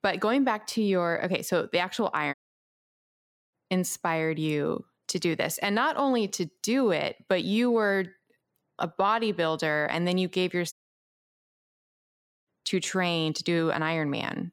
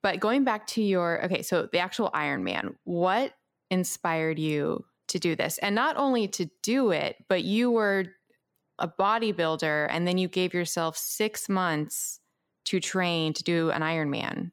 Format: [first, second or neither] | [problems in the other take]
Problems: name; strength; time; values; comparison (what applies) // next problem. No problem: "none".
second | audio cutting out; at 2.5 s for 1 s and at 11 s for 1.5 s